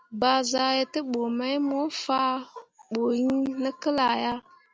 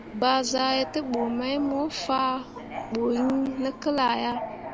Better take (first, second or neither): first